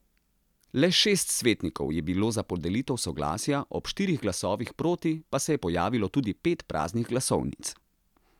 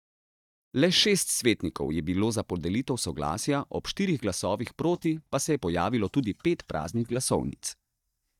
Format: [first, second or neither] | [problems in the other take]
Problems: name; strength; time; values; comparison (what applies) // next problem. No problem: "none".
first | noise reduction (neural mask model DeepFilterNet 3)